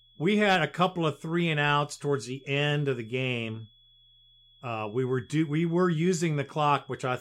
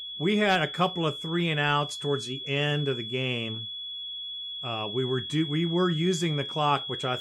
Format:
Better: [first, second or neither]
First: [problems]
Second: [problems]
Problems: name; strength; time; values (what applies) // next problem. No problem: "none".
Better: first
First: high-pitched whine; faint; throughout; 3.5 kHz, 30 dB below the speech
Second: high-pitched whine; loud; throughout; 3.5 kHz, 7 dB below the speech